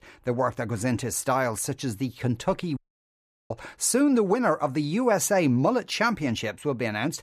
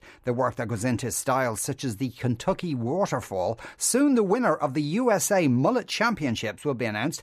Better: second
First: audio cutting out; at 3 s for 0.5 s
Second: none

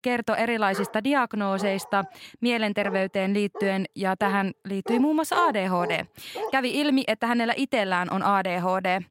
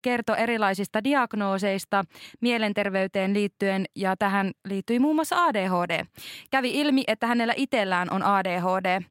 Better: second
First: dog barking; noticeable; from 0.5 to 6.5 s; peak 8 dB below the speech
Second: none

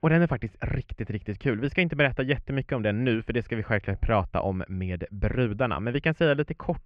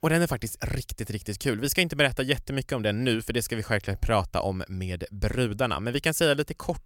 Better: second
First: muffled; very; fading above 2.5 kHz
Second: none

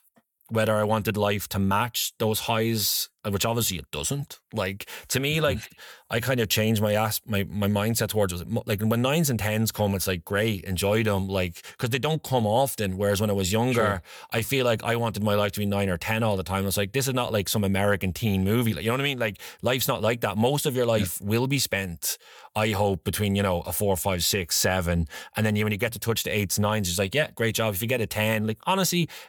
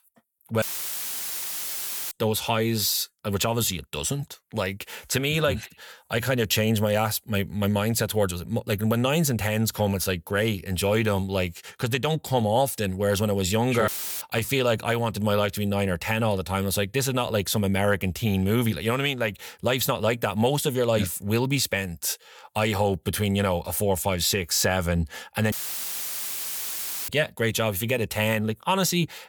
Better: first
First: none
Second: audio cutting out; filled with static; at 0.5 s for 1.5 s, at 14 s and at 26 s for 1.5 s

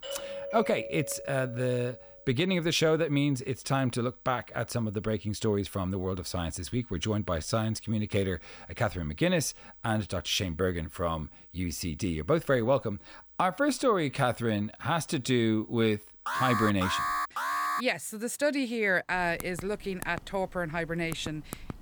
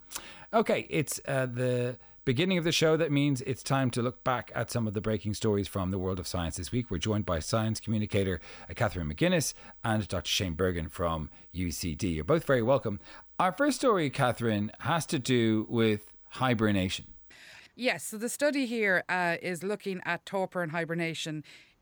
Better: second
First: doorbell; noticeable; until 2 s; peak 7 dB below the speech // alarm; loud; from 16 to 18 s; peak level with the speech // keyboard typing; faint; from 19 s on; peak 15 dB below the speech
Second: none

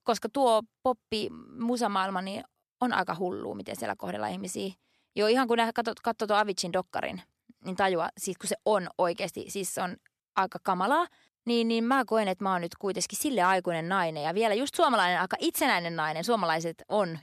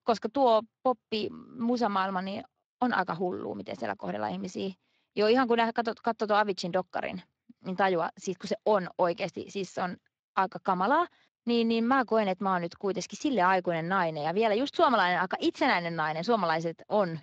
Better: first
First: none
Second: garbled, watery; slightly; nothing above 7.5 kHz

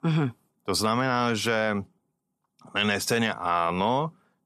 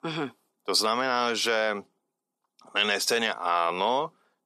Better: first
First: none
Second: thin; somewhat; fading below 400 Hz

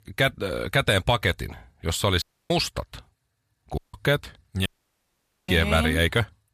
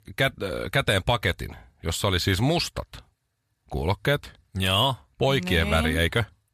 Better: second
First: audio cutting out; at 2 s, at 4 s and at 4.5 s for 1 s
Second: none

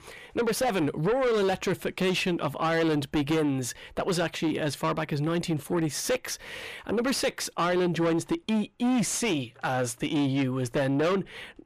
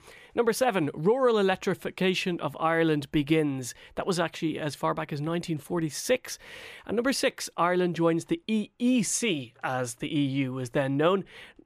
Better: second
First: distortion; heavy; 8 dB below the speech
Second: none

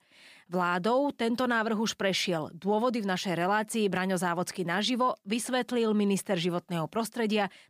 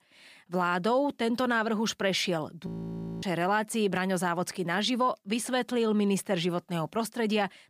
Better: first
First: none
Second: audio freezing; at 2.5 s for 0.5 s

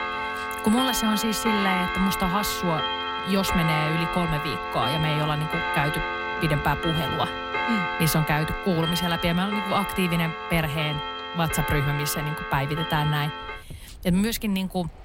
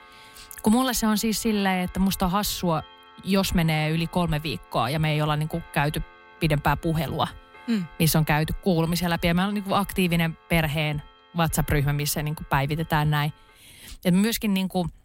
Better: second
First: household noises; loud; throughout; 2 dB below the speech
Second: household noises; faint; throughout; 25 dB below the speech

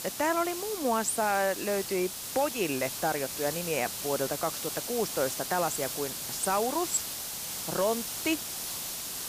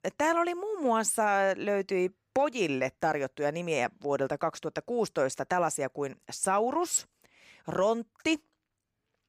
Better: second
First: hiss; loud; throughout; 3 dB below the speech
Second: none

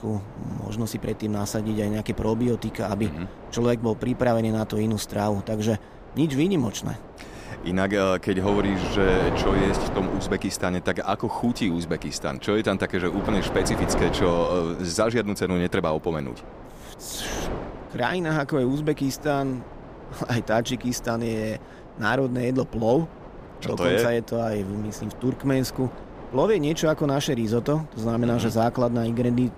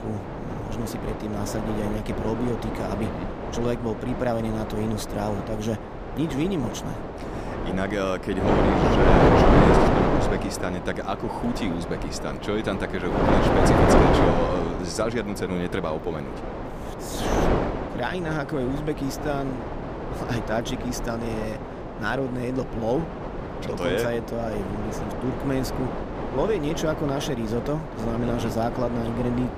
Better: first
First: wind noise on the microphone; occasional gusts; 10 dB below the speech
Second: wind noise on the microphone; heavy; 2 dB above the speech

